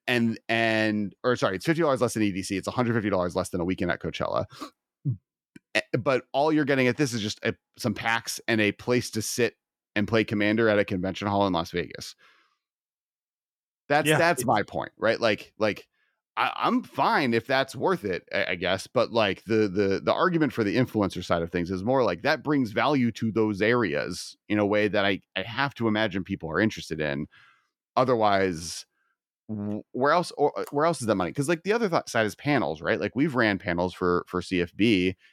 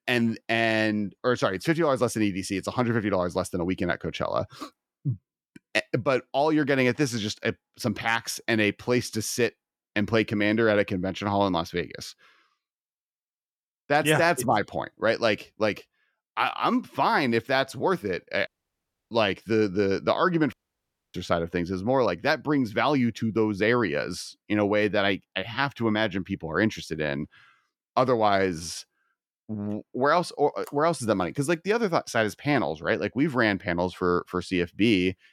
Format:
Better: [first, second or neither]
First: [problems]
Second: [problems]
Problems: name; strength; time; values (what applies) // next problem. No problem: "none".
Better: first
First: none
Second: audio cutting out; at 18 s for 0.5 s and at 21 s for 0.5 s